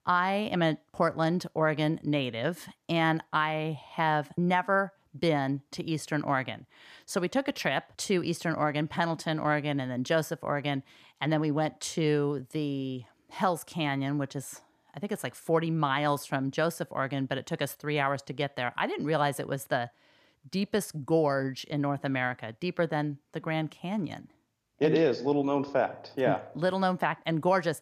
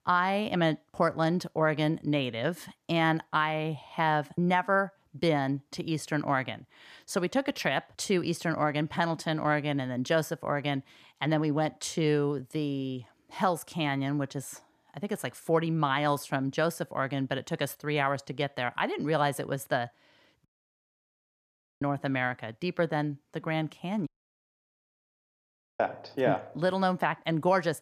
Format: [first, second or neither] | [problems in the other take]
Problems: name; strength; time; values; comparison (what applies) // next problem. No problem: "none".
first | audio cutting out; at 20 s for 1.5 s and at 24 s for 1.5 s